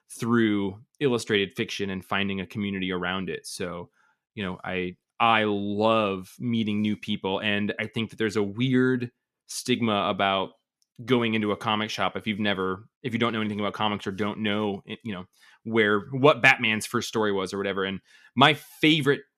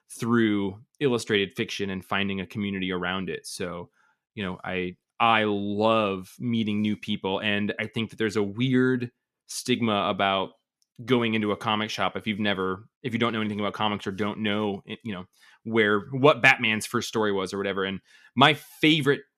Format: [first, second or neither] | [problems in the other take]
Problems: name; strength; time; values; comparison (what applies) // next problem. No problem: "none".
neither | none